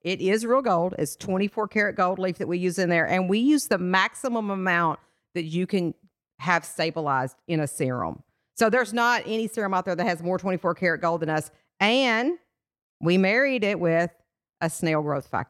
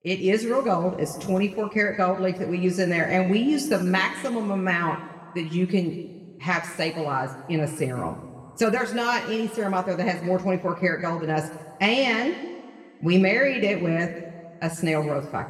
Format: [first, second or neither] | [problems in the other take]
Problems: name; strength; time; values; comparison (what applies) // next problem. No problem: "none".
first | room echo; slight; dies away in 1.5 s // off-mic speech; somewhat distant